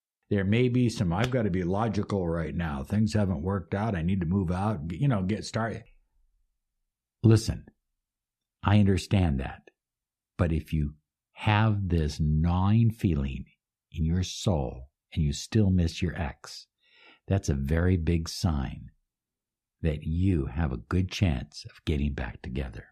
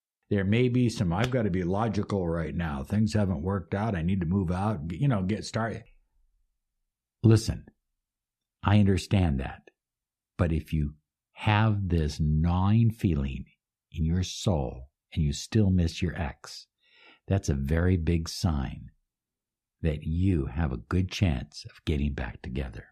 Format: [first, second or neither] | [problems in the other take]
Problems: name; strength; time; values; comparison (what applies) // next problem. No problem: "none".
neither | none